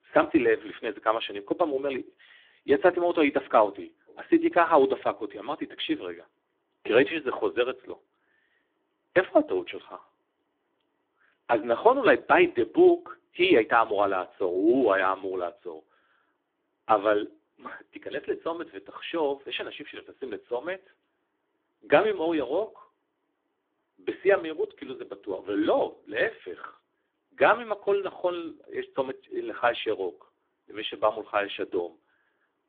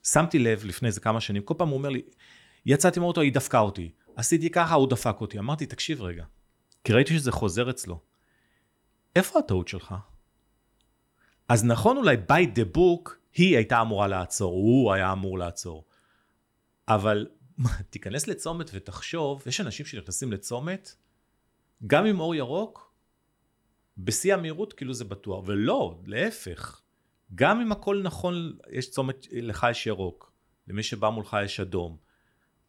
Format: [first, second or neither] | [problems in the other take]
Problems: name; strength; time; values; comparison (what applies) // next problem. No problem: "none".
second | phone-call audio; poor line